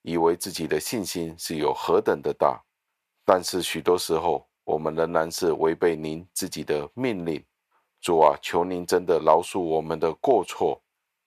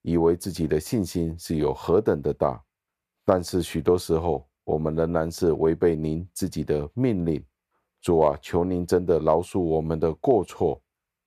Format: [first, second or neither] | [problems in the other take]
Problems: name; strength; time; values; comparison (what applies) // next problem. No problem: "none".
second | thin; somewhat; fading below 800 Hz